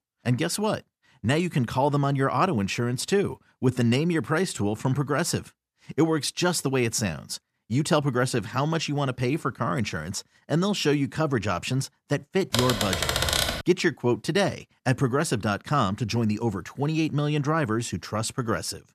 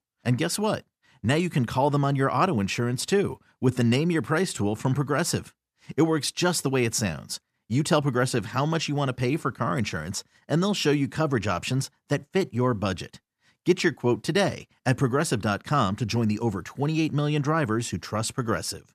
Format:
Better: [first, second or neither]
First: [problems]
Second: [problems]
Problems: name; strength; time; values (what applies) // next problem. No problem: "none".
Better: second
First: keyboard typing; loud; from 13 to 14 s; peak 3 dB above the speech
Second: none